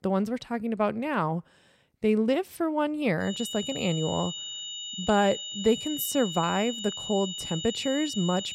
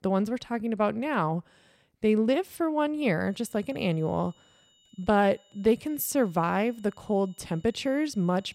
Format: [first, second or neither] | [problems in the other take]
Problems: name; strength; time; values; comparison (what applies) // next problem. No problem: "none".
second | high-pitched whine; loud; from 3.5 s on; 3 kHz, 6 dB below the speech; faint in the second